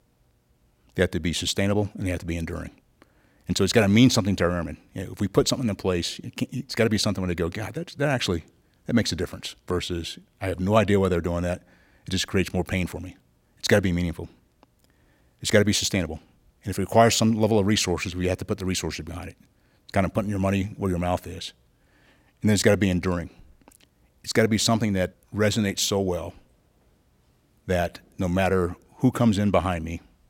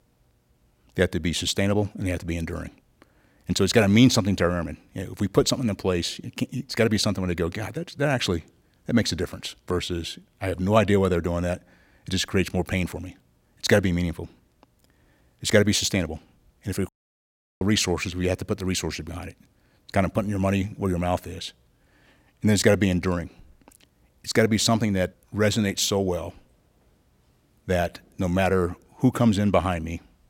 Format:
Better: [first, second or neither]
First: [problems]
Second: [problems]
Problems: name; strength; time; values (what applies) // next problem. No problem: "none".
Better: first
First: none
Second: audio cutting out; at 17 s for 0.5 s